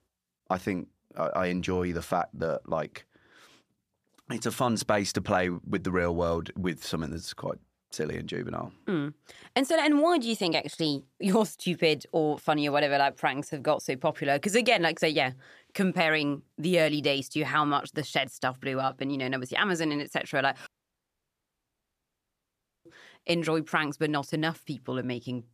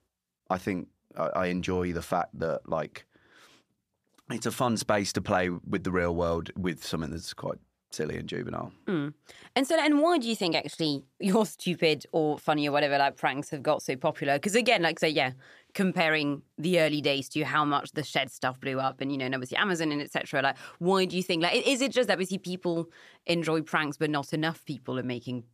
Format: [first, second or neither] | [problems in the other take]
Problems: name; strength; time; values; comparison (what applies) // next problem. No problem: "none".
second | audio cutting out; at 21 s for 2 s